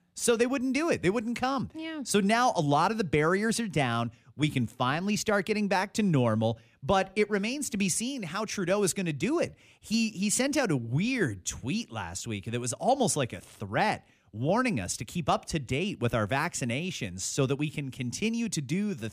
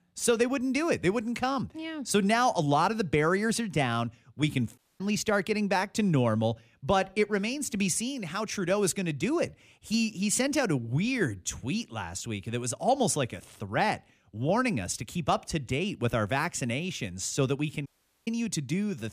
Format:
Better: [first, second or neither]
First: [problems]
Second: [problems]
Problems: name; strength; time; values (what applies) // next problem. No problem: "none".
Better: first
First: none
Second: audio cutting out; at 5 s and at 18 s